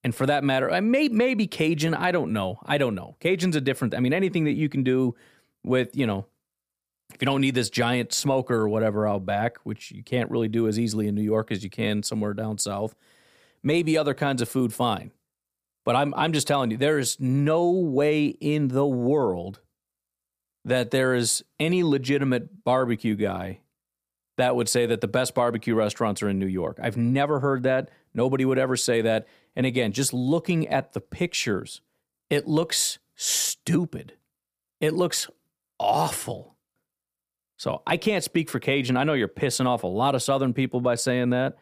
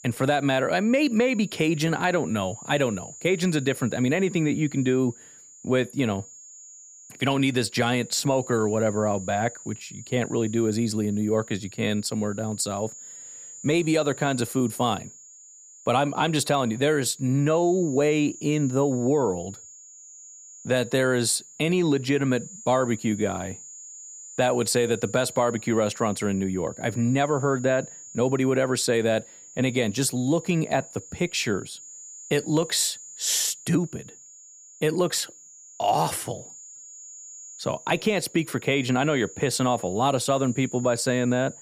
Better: first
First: none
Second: high-pitched whine; noticeable; throughout; 7 kHz, 15 dB below the speech

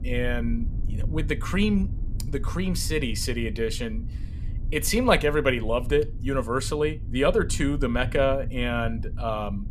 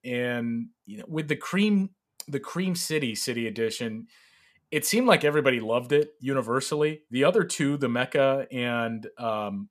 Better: second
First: low rumble; faint; throughout; 20 dB below the speech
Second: none

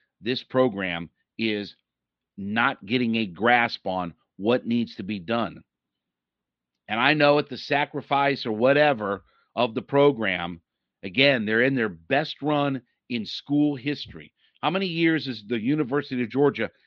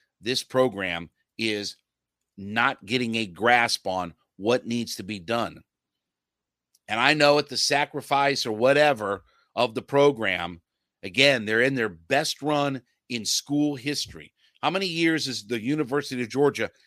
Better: second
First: muffled; slightly; fading above 3.5 kHz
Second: none

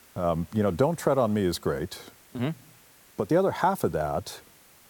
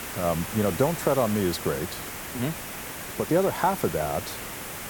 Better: first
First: hiss; faint; throughout; 25 dB below the speech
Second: hiss; loud; throughout; 7 dB below the speech

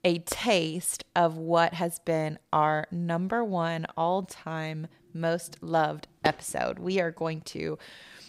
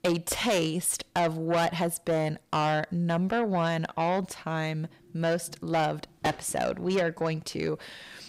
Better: first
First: none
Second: distortion; heavy; 8 dB below the speech

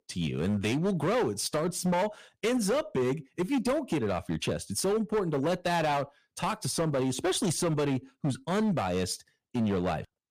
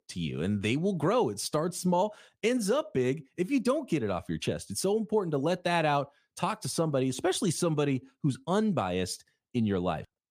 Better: second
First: distortion; slight; 14% of the sound clipped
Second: none

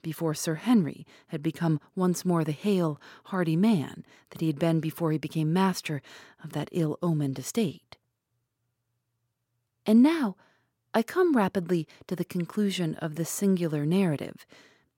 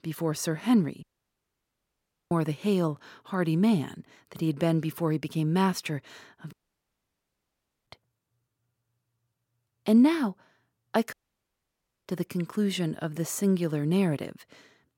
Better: first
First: none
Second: audio cutting out; at 1 s for 1.5 s, at 6.5 s for 1.5 s and at 11 s for 1 s

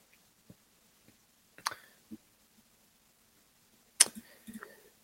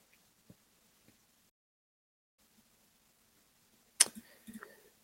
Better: first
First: none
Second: audio cutting out; at 1.5 s for 1 s

